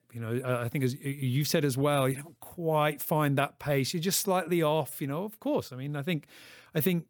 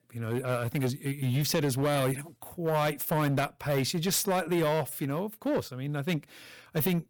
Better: first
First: none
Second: distortion; slight; 9% of the sound clipped

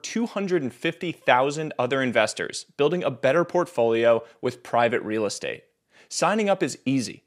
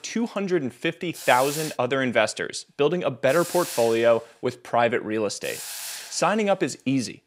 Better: first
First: none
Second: hiss; noticeable; until 1.5 s, from 2.5 to 4.5 s and from 5 s on; 10 dB below the speech

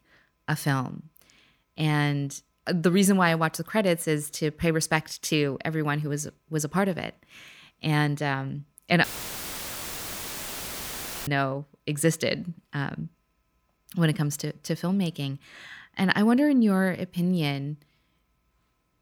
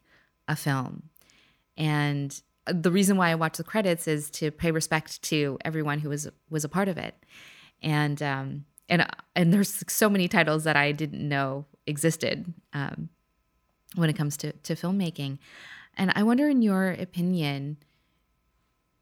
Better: second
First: audio cutting out; filled with static; at 9 s for 2 s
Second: none

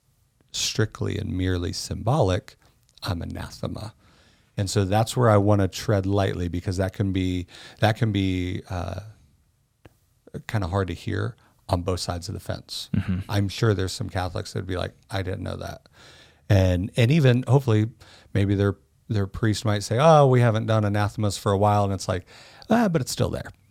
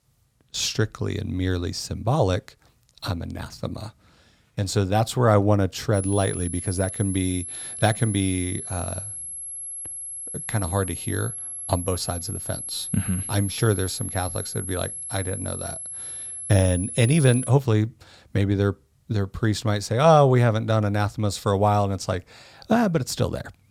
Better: first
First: none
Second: high-pitched whine; loud; from 6 to 17 s; 11 kHz, 7 dB below the speech

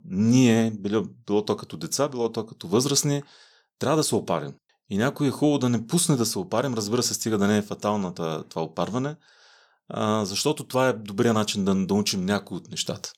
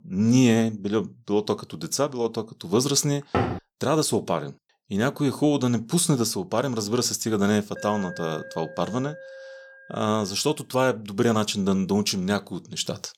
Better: first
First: none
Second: door banging; noticeable; at 3.5 s; peak 2 dB below the speech // alarm; faint; from 8 to 10 s; peak 15 dB below the speech

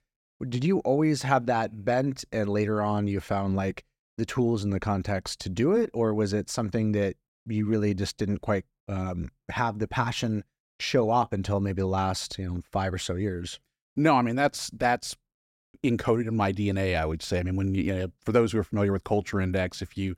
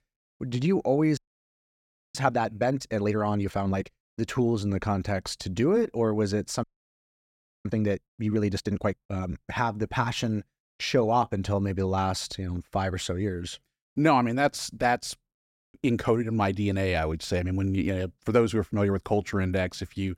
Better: first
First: none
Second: audio freezing; at 1 s for 1 s and at 6.5 s for 1 s

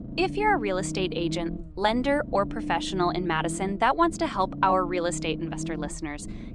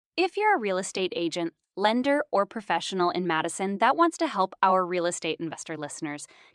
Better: second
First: low rumble; noticeable; throughout; 15 dB below the speech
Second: none

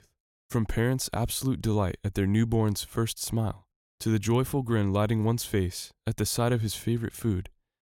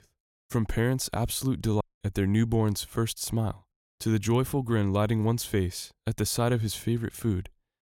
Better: first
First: none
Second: audio cutting out; at 2 s

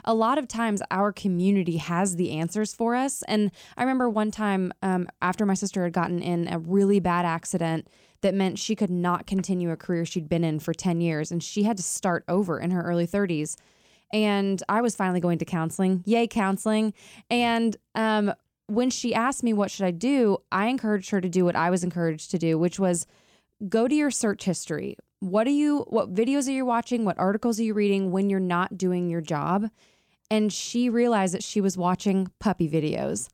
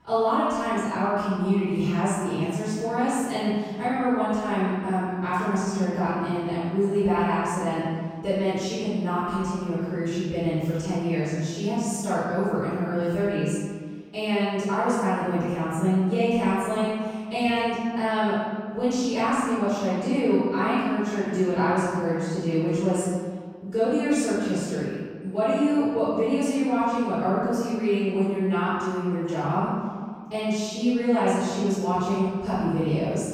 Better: first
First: none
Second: off-mic speech; far // room echo; strong; dies away in 1.6 s

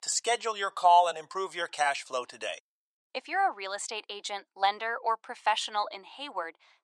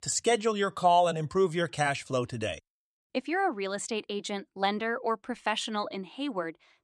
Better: second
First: thin; very; fading below 750 Hz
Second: none

